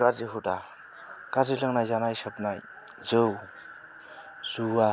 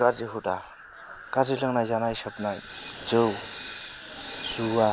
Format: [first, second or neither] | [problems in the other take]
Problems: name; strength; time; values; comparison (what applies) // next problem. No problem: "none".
first | background sound (Hiss); 16 dB below the speech